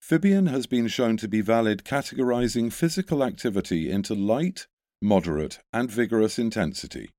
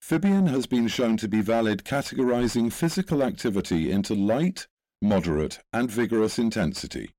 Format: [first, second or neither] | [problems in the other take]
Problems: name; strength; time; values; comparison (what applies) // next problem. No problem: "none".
first | distortion; slight; 10 dB below the speech